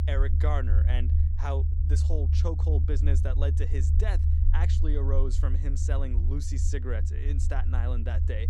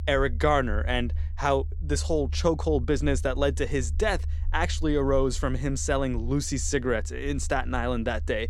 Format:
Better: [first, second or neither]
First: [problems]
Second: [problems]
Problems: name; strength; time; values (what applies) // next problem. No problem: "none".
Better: second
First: low rumble; loud; throughout; 5 dB below the speech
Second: low rumble; faint; throughout; 25 dB below the speech